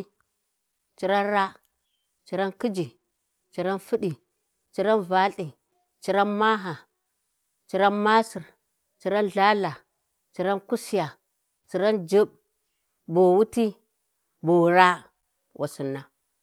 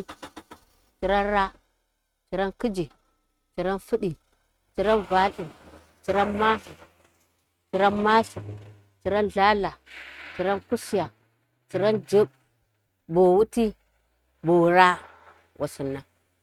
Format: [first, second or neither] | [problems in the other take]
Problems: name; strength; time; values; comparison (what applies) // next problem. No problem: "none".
first | noise reduction (neural mask model RNNoise)